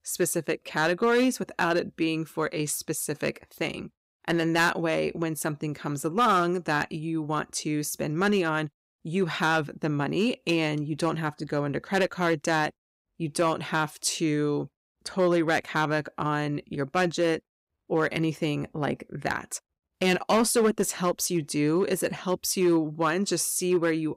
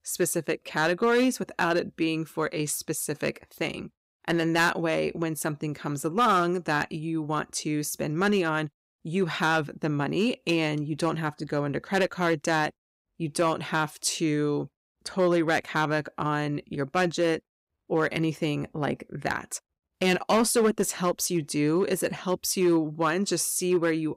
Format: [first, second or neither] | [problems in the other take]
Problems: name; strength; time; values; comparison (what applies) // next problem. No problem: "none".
neither | distortion; slight; 3% of the sound clipped; the same in both